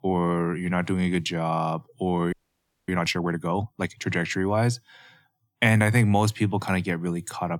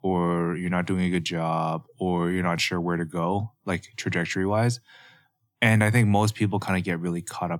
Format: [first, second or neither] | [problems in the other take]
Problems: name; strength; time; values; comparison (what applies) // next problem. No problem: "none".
second | audio freezing; at 2.5 s for 0.5 s